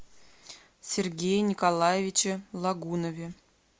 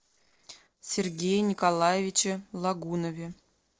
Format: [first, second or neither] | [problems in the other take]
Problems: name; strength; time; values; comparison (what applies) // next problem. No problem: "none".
first | noise reduction (neural separator model SepFormer DNS4)